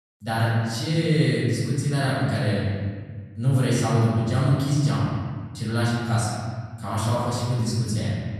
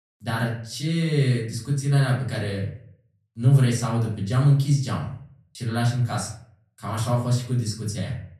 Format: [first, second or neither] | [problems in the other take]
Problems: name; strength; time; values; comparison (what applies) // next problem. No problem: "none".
second | room echo; strong; dies away in 1.7 s; slight in the second // off-mic speech; far; far in the second